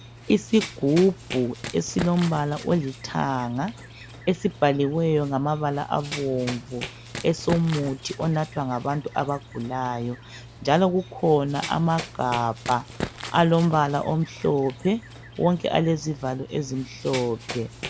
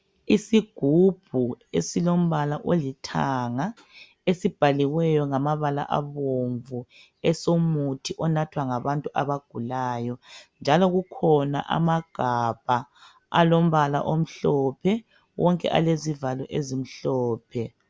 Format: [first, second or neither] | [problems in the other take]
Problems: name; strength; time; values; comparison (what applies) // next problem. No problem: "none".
second | background sound (Run); 14 dB below the speech